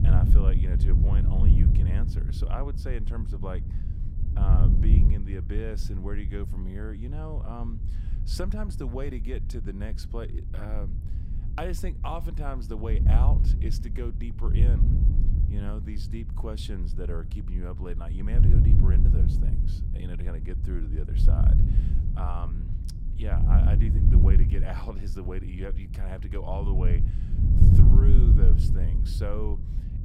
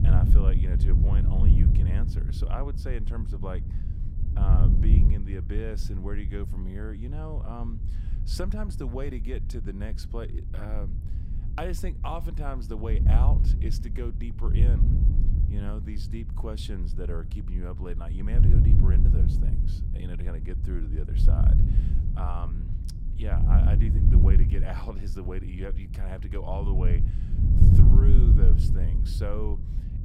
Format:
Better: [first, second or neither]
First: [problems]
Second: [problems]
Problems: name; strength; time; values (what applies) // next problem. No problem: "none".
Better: neither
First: wind noise on the microphone; heavy; 1 dB below the speech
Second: wind noise on the microphone; heavy; 1 dB below the speech